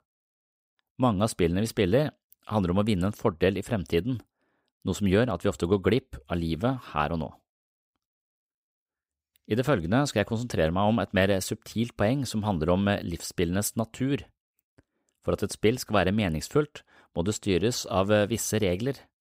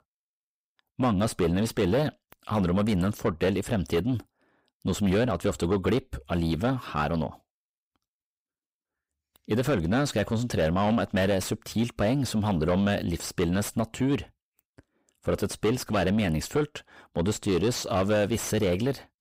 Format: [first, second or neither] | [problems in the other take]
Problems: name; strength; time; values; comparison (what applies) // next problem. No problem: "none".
first | distortion; heavy; 7 dB below the speech